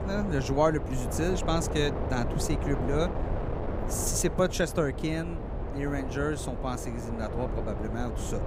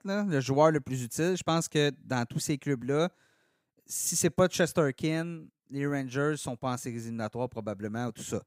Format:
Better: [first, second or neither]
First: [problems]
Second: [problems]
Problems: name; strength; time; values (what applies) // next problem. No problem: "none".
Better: second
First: wind noise on the microphone; heavy; 6 dB below the speech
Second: none